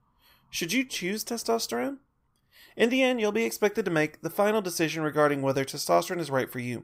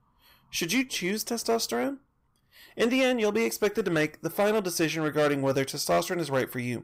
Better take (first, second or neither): first